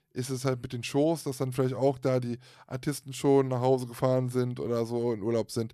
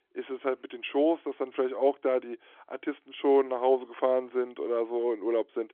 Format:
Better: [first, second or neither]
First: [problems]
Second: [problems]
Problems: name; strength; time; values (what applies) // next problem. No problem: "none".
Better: first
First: none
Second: phone-call audio